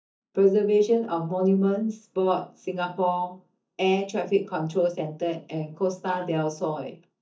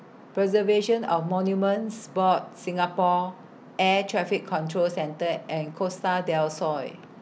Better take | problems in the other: second | noise reduction (neural mask model DeepFilterNet 3)

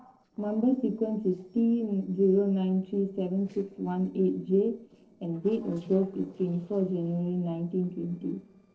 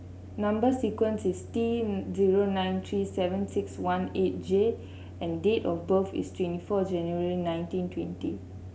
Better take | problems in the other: second | noise reduction (neural separator model SepFormer DNS4)

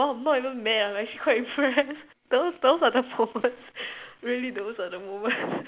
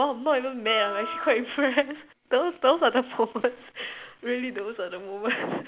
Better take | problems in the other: first | background sound (Wind instrument, woodwind instrument); 10 dB below the speech

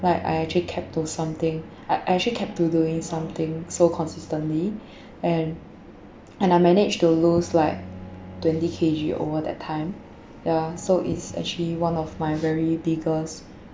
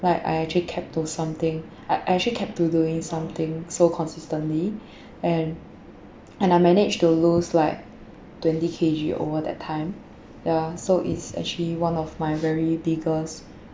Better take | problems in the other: second | background sound (Bowed string instrument); 20 dB below the speech

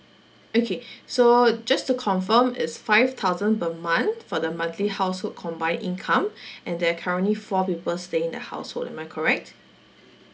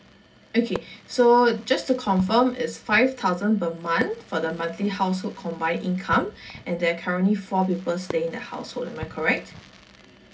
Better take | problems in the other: first | background sound (Fireworks); 19 dB below the speech // room echo; dies away in 0.4 s

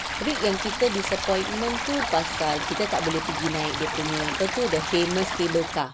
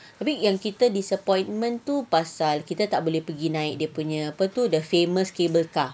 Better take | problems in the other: second | background sound (Stream); 3 dB below the speech

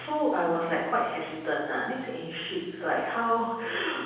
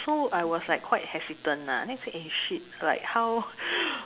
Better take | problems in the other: second | room echo; dies away in 1.1 s

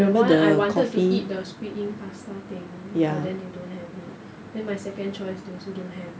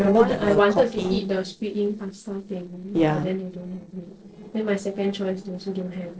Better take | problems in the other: first | noise reduction (neural separator model SepFormer DNS4)

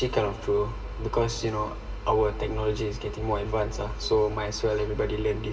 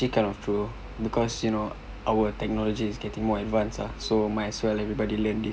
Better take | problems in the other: second | room echo; dies away in 2.8 s

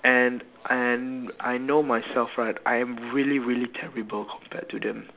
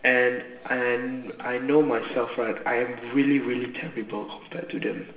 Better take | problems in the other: first | room echo; dies away in 1.1 s

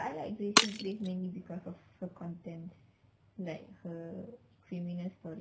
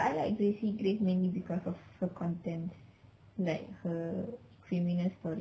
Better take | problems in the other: second | background sound (Shatter); 4 dB above the speech

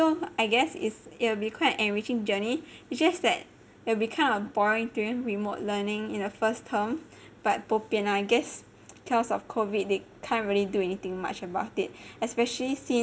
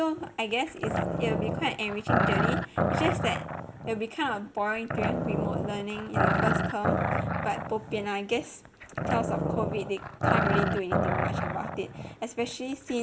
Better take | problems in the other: first | background sound (Growling); 3 dB above the speech

